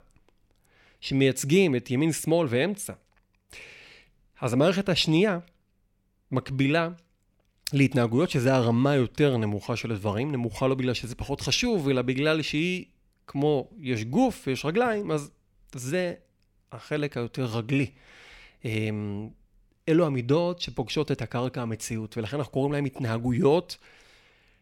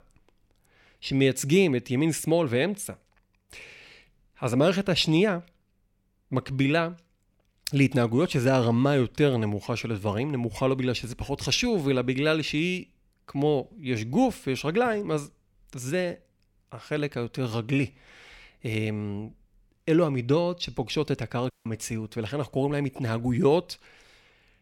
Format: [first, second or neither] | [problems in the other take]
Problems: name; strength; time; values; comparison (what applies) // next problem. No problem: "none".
first | audio cutting out; at 22 s